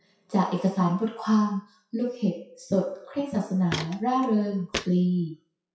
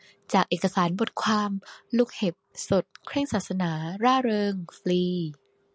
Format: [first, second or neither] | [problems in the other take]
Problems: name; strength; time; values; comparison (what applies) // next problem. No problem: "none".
second | noise reduction (classical method WPE with log-MMSE)